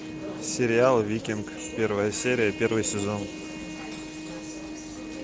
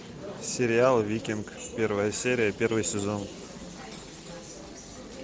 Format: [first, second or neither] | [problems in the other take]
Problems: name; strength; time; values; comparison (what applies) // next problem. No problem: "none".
second | background sound (Trumpet); 12 dB below the speech